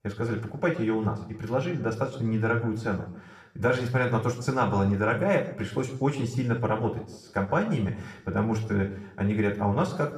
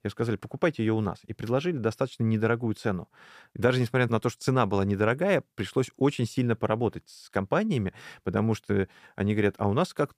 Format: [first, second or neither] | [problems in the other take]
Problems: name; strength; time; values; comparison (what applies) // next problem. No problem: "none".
second | room echo; slight; dies away in 0.6 s // off-mic speech; somewhat distant